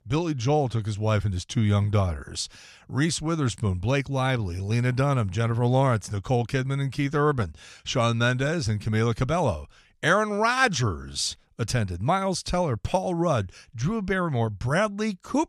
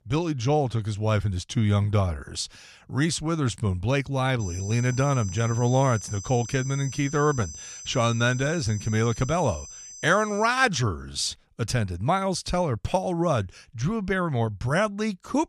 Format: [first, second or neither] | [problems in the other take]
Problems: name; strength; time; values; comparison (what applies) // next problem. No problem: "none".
first | high-pitched whine; noticeable; from 4.5 to 10 s; 6 kHz, 15 dB below the speech